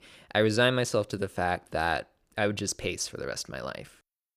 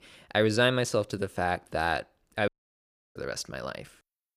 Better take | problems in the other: first | audio cutting out; at 2.5 s for 0.5 s

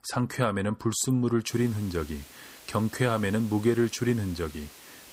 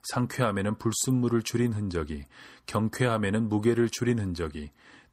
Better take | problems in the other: second | hiss; noticeable; from 1.5 s on; 20 dB below the speech

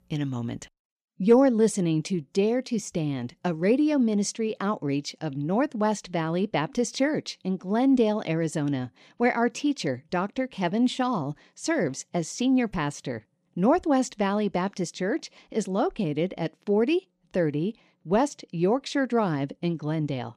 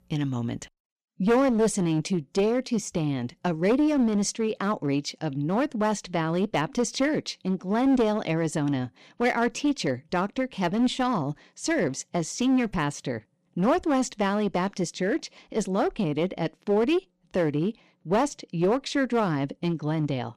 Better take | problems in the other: first | distortion; slight; 8% of the sound clipped

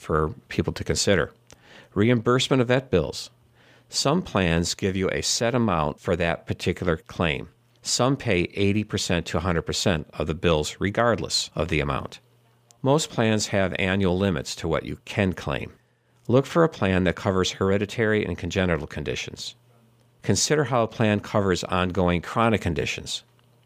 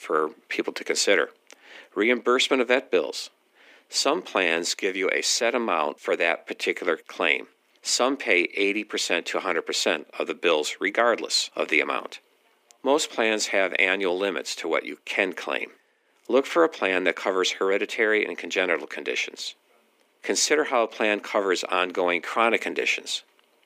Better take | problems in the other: first | thin; somewhat; fading below 250 Hz

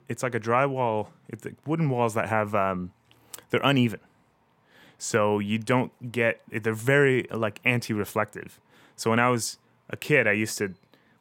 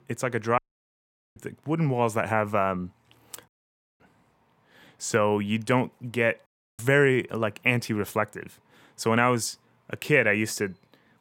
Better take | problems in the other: first | audio cutting out; at 0.5 s for 1 s, at 3.5 s for 0.5 s and at 6.5 s

